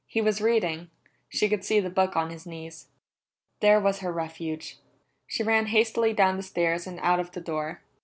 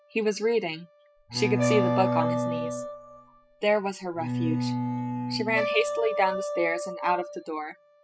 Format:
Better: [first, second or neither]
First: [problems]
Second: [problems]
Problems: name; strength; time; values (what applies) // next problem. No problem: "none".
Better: first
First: none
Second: noise reduction (classical method spectral subtraction)